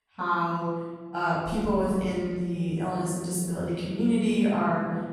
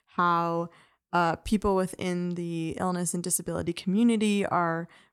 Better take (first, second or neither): second